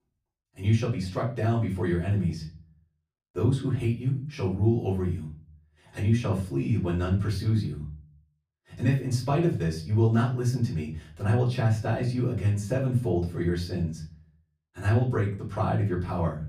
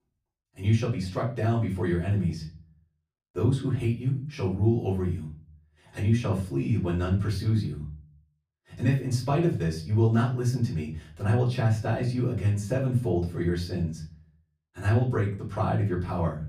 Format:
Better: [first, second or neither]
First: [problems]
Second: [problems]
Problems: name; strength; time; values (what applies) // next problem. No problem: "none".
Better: neither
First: off-mic speech; far // room echo; slight; dies away in 0.4 s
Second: off-mic speech; far // room echo; slight; dies away in 0.4 s